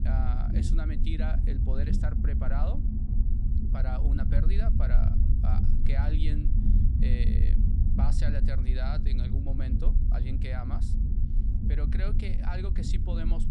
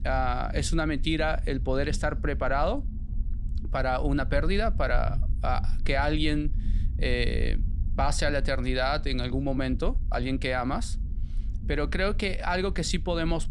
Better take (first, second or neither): second